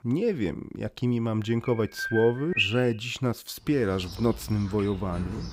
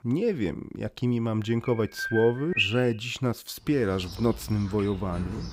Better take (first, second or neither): neither